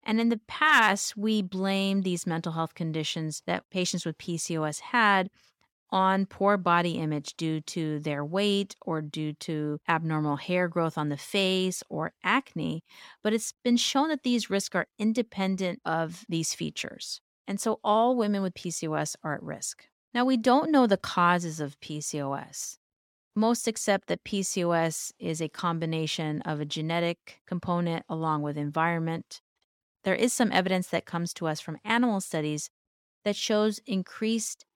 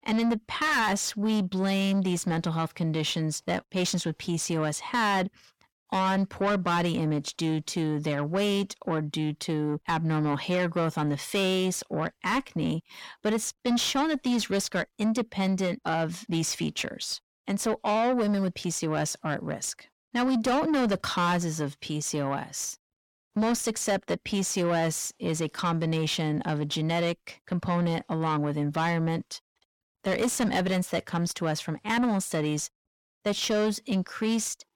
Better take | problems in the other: first | distortion; heavy; 7 dB below the speech

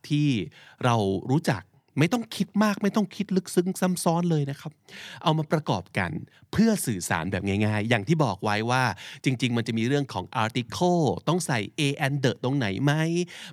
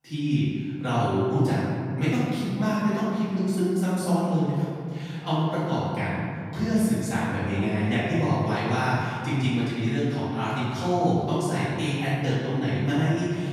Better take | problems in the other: first | off-mic speech; far // room echo; strong; dies away in 2.5 s

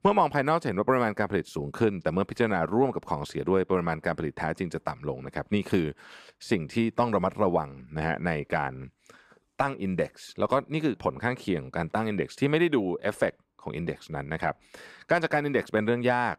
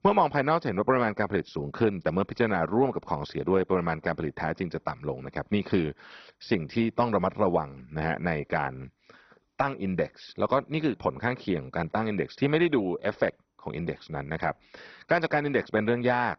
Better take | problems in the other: first | garbled, watery; badly; nothing above 5.5 kHz

